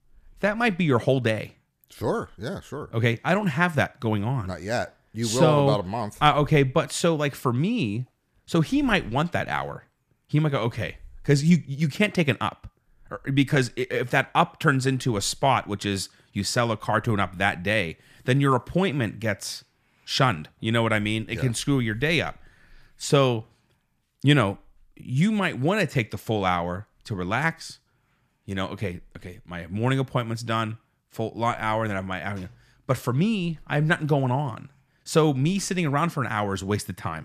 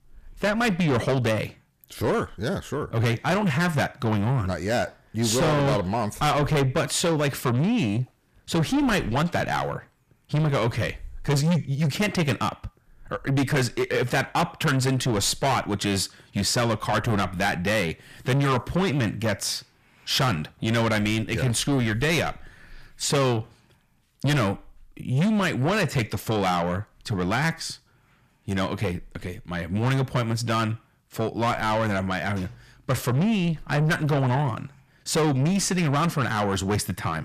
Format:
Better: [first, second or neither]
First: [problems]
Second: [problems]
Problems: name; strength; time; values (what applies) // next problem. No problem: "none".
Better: first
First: none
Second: distortion; heavy; 6 dB below the speech